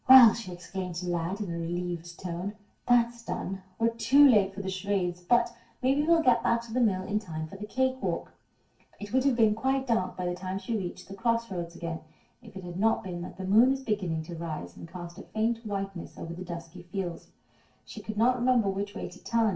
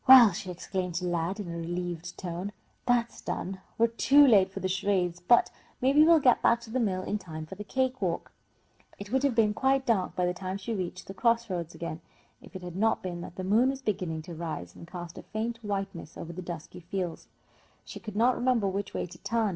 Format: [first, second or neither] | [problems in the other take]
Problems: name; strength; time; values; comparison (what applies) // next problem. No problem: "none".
second | room echo; dies away in 0.3 s